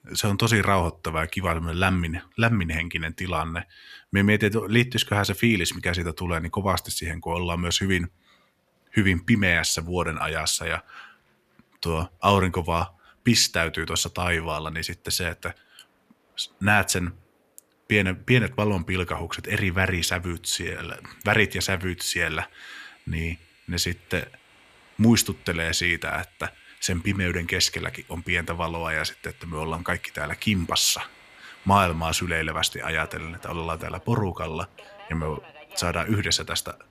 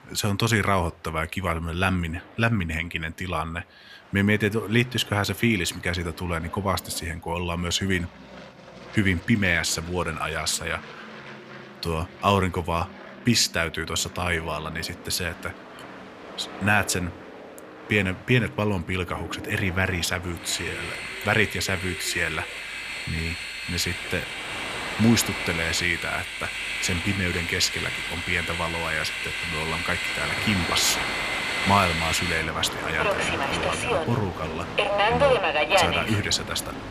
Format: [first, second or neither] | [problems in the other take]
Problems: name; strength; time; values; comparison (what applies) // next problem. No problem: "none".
first | train or aircraft noise; loud; throughout; 2 dB below the speech; faint in the first